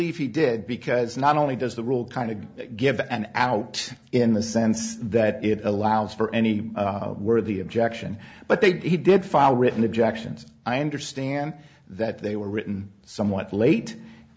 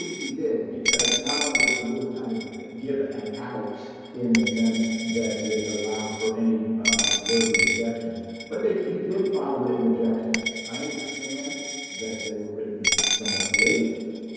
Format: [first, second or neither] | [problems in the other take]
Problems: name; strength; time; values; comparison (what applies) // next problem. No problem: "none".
first | background sound (Coin (dropping)); 2 dB below the speech // room echo; dies away in 2.2 s